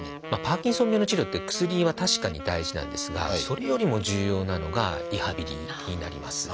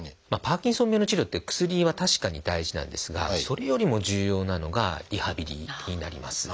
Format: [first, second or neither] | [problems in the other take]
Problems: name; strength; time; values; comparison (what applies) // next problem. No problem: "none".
second | background sound (Wind instrument, woodwind instrument); 10 dB below the speech